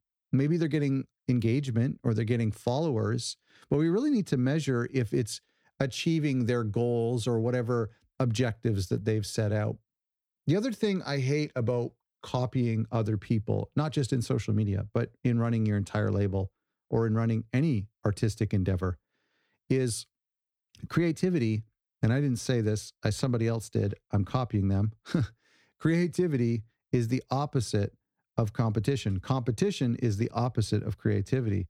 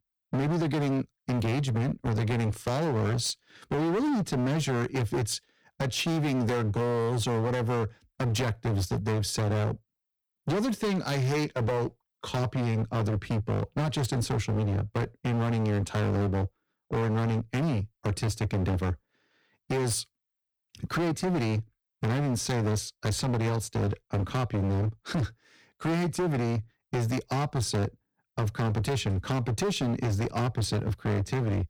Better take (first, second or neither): first